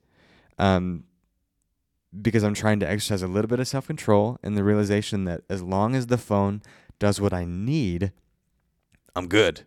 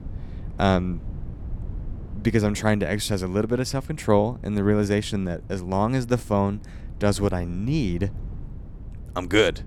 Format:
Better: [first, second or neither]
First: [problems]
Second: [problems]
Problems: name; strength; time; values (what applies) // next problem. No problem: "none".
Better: first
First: none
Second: wind noise on the microphone; occasional gusts; 25 dB below the speech